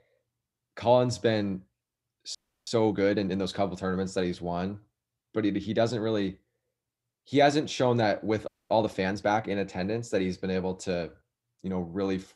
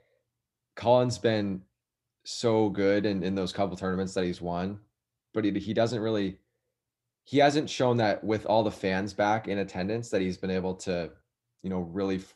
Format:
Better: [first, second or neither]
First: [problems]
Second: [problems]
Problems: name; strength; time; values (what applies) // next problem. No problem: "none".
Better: second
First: audio freezing; at 2.5 s and at 8.5 s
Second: none